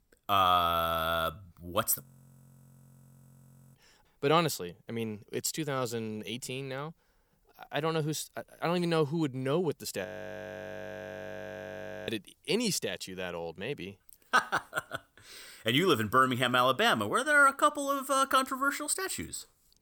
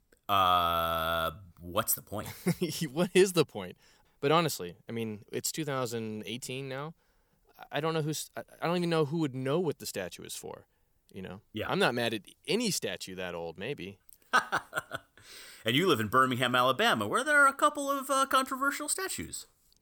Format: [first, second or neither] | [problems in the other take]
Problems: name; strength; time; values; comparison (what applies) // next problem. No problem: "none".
second | audio freezing; at 2 s for 1.5 s and at 10 s for 2 s